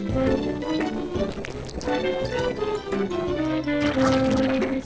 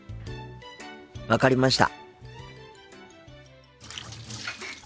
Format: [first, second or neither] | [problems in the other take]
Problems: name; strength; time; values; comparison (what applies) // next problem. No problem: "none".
second | noise reduction (neural separator model SepFormer DNS4)